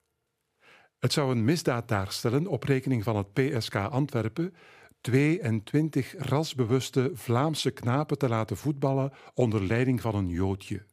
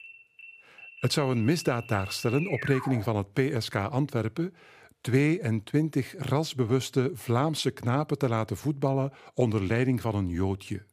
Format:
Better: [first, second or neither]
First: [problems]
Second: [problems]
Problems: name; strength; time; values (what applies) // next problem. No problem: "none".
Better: first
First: none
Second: alarm; noticeable; until 3 s; peak 7 dB below the speech